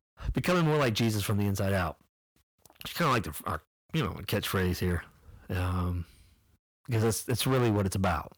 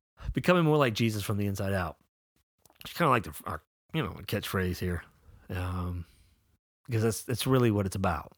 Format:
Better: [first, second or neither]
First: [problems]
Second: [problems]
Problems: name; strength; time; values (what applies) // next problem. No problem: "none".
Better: second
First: distortion; heavy; 9% of the sound clipped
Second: none